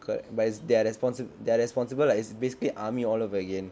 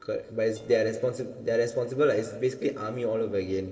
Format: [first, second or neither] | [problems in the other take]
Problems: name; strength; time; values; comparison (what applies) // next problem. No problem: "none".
first | noise reduction (neural separator model SepFormer DNS4)